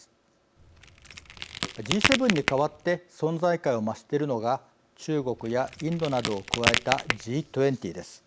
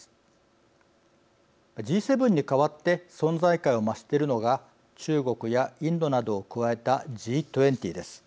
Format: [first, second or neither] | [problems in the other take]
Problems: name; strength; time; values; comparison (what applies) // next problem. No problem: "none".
second | background sound (Crack); 2 dB below the speech